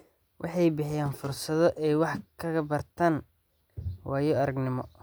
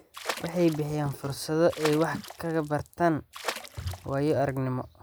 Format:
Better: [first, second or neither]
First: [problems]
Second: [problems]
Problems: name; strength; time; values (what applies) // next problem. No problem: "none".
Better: first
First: none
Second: background sound (Water / Splash, splatter); 12 dB below the speech